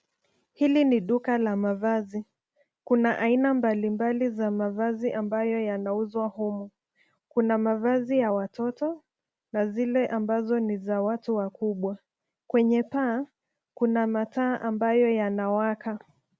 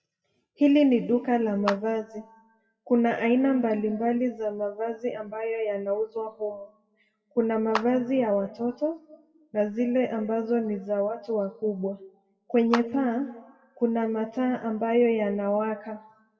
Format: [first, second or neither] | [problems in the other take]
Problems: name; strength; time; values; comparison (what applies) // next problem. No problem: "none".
first | noise reduction (classical method WPE with log-MMSE)